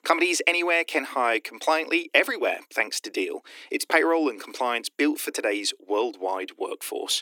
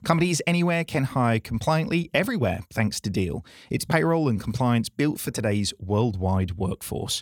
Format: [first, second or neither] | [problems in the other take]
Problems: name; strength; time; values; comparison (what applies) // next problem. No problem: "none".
second | thin; somewhat; fading below 300 Hz